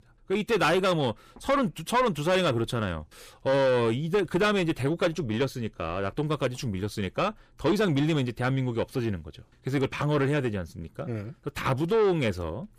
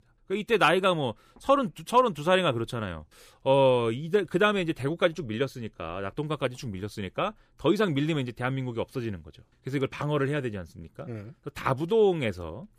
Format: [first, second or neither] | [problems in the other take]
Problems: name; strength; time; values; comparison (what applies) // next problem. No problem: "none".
second | distortion; heavy; 7 dB below the speech